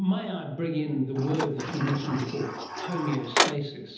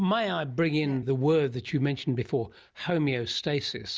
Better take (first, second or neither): second